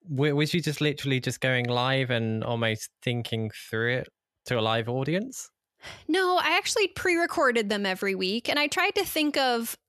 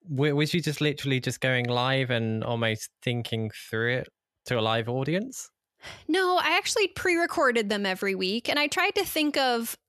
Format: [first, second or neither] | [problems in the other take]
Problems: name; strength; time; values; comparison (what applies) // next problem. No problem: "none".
neither | none